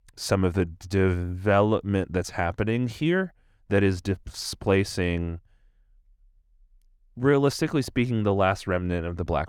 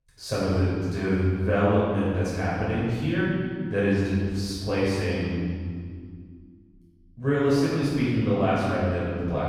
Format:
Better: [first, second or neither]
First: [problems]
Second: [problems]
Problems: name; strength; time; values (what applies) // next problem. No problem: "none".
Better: first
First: none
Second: room echo; strong; dies away in 2 s // off-mic speech; far